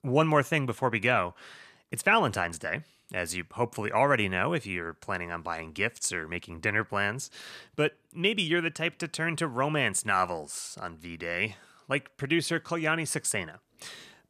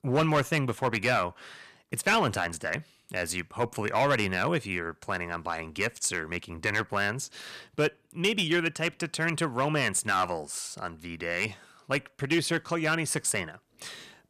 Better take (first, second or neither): first